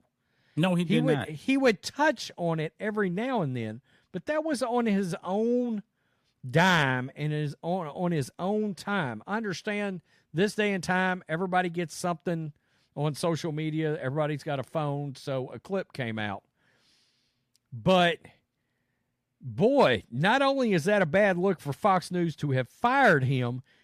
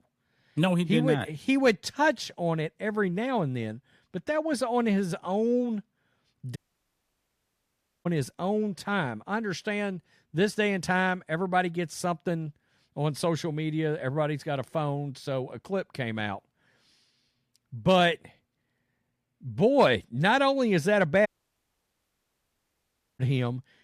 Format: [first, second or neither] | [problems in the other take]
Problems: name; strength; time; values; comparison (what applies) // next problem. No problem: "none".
first | audio cutting out; at 6.5 s for 1.5 s and at 21 s for 2 s